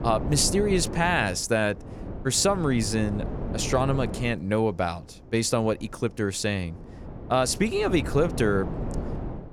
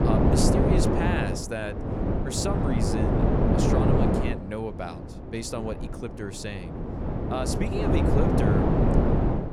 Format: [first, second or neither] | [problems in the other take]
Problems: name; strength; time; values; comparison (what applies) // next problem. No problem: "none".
first | wind noise on the microphone; heavy; 5 dB above the speech; occasional gusts in the first